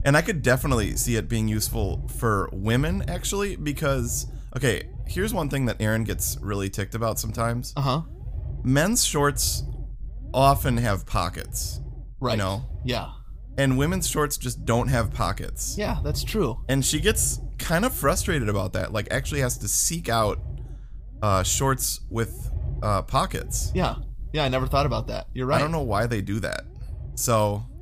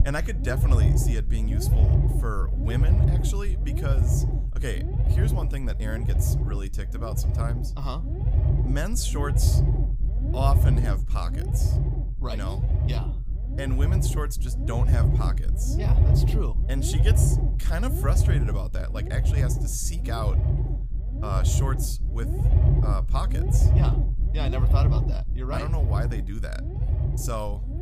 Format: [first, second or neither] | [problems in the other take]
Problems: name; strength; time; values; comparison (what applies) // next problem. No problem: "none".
first | low rumble; loud; throughout; 3 dB below the speech; faint in the first